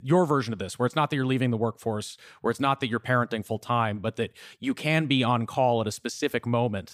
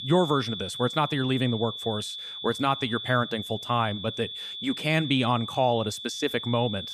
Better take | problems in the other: first | high-pitched whine; loud; throughout; 3.5 kHz, 7 dB below the speech

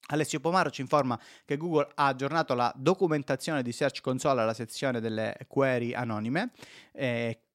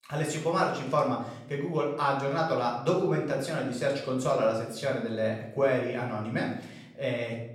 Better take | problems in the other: first | off-mic speech; far // room echo; noticeable; dies away in 0.6 s

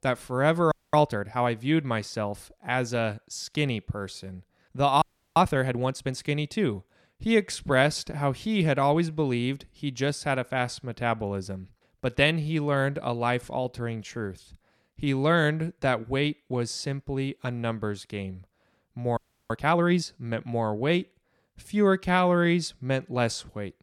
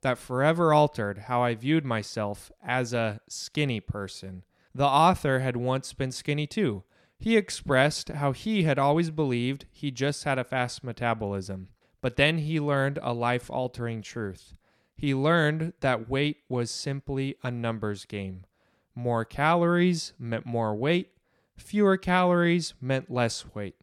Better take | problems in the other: second | audio freezing; at 0.5 s, at 5 s and at 19 s

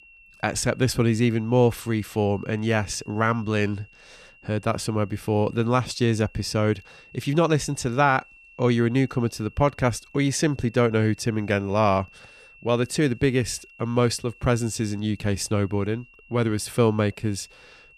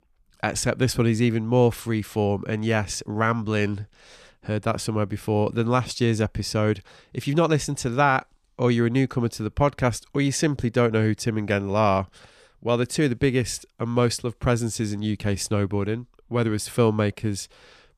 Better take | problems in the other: second | high-pitched whine; faint; throughout; 2.5 kHz, 25 dB below the speech

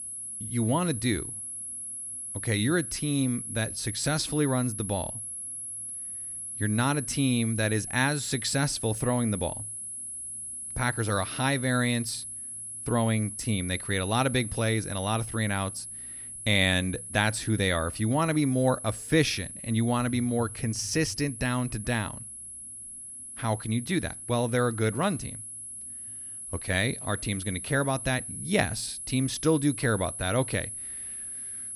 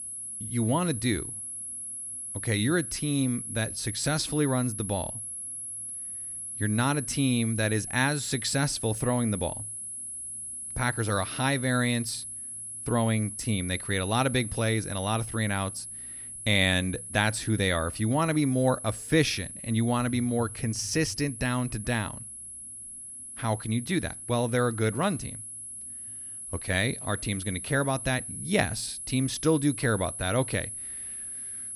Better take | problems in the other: neither | high-pitched whine; loud; throughout; 10.5 kHz, 8 dB below the speech; the same in both

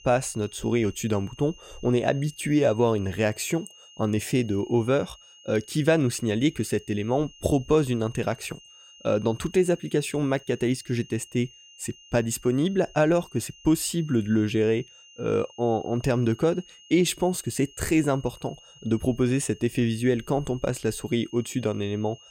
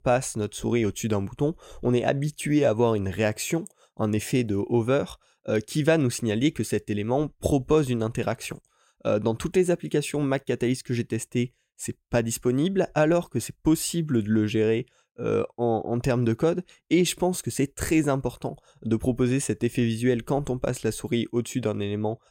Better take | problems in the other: second | high-pitched whine; faint; throughout; 3 kHz, 25 dB below the speech

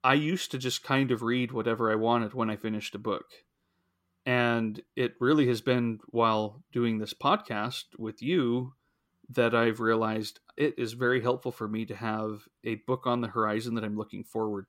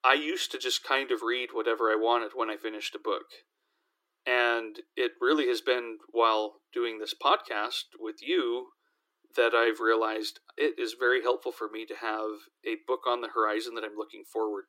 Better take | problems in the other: first | thin; very; fading below 300 Hz

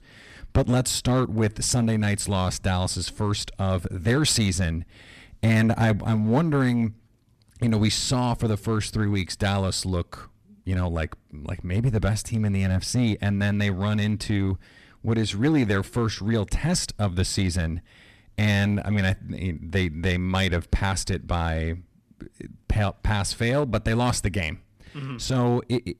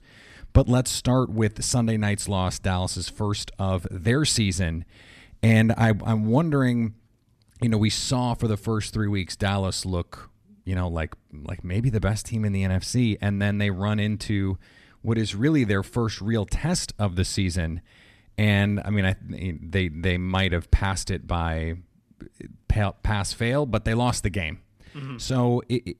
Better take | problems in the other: second | distortion; slight; 5% of the sound clipped

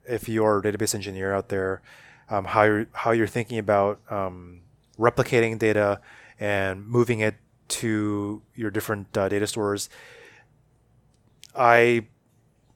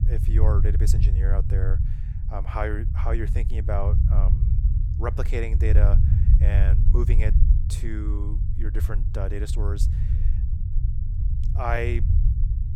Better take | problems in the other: first | low rumble; loud; throughout; 7 dB below the speech

